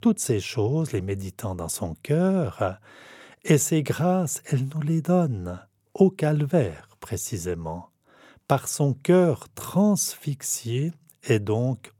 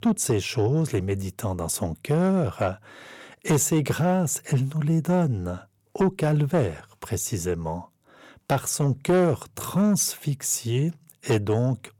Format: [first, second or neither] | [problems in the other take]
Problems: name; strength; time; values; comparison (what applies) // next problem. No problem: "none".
first | distortion; slight; 10 dB below the speech